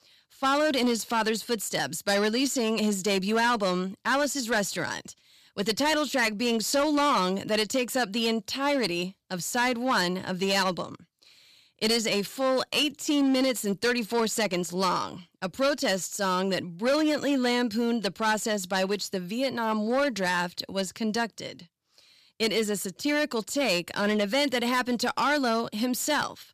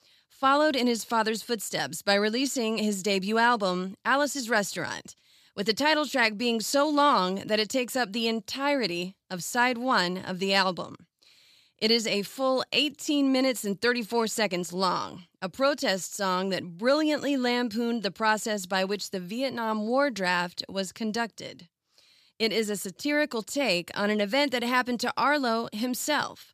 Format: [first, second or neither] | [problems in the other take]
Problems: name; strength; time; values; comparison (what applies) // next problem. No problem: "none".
second | distortion; slight; 8% of the sound clipped